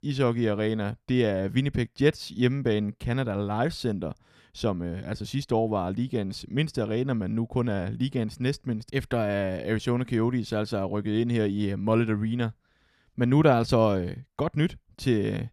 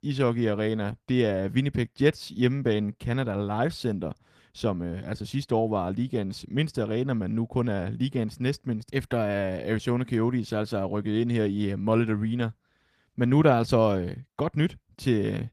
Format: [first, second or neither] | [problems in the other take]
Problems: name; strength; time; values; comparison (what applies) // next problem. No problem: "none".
first | garbled, watery; slightly; nothing above 14.5 kHz